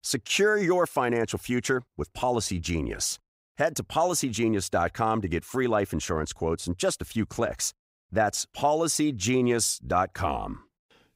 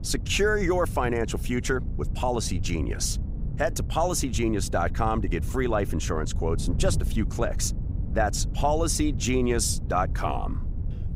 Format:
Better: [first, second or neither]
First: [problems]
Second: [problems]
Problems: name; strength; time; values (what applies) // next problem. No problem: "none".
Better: first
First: none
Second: wind noise on the microphone; occasional gusts; 20 dB below the speech